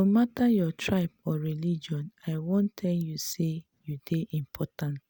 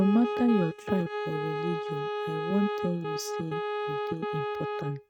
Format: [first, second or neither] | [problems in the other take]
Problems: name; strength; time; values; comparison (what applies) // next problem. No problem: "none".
first | noise reduction (neural mask model RNNoise)